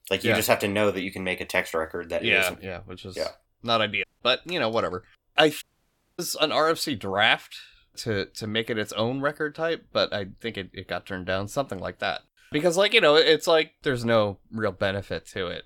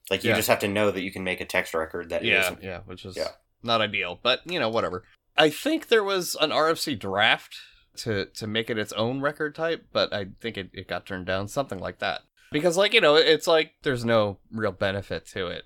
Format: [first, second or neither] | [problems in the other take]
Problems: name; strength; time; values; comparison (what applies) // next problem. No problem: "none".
second | audio cutting out; at 4 s and at 5.5 s for 0.5 s